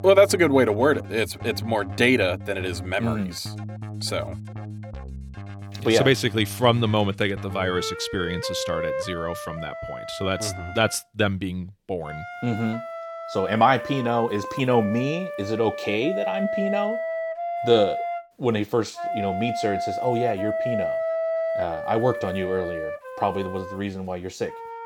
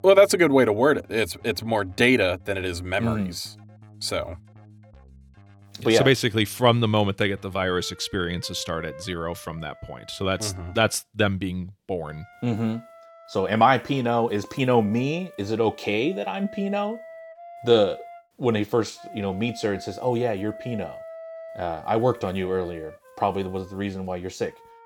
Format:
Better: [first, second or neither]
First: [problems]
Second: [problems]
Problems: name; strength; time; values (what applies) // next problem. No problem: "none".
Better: second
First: background music; loud; throughout; 7 dB below the speech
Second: background music; faint; throughout; 20 dB below the speech